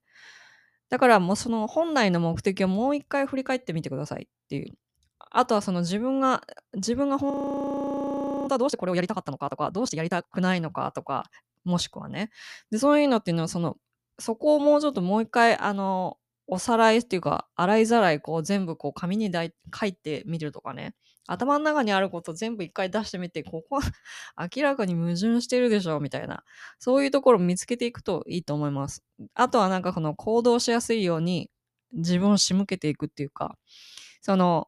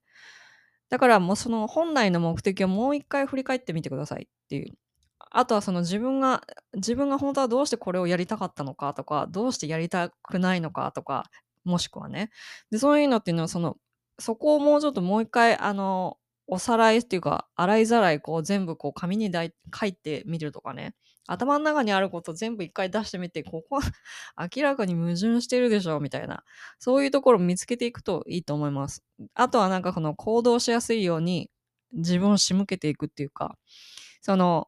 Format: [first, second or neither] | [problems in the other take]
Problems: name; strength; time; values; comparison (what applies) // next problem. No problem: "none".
second | audio freezing; at 7.5 s for 1 s